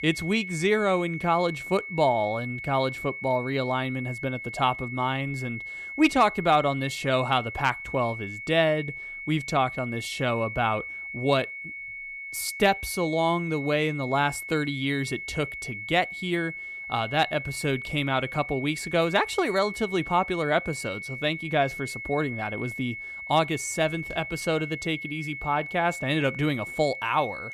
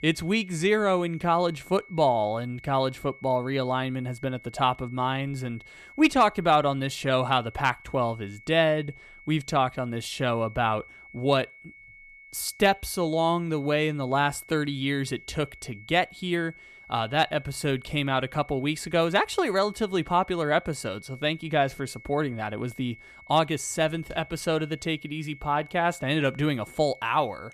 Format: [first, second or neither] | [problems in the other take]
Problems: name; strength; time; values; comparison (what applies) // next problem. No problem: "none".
second | high-pitched whine; loud; throughout; 2 kHz, 8 dB below the speech; faint in the second